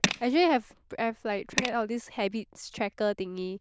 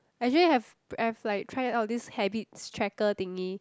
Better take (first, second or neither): second